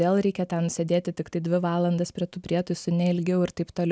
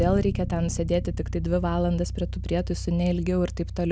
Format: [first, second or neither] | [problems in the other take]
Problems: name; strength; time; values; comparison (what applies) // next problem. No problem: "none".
first | background sound (Bass guitar); 5 dB below the speech